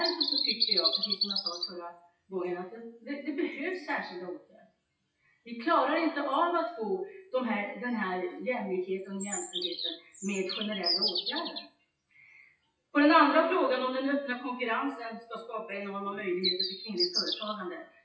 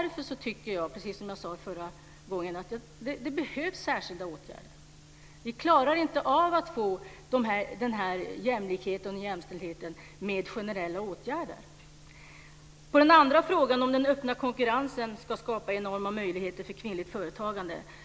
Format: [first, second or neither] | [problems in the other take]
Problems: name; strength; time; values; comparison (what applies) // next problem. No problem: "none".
second | noise reduction (classical method WPE with log-MMSE)